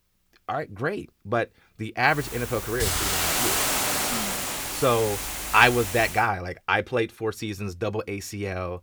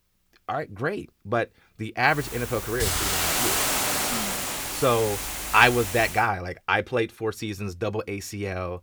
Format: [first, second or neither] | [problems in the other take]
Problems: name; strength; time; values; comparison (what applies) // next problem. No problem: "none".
neither | hiss; loud; from 2 to 6 s; as loud as the speech; the same in both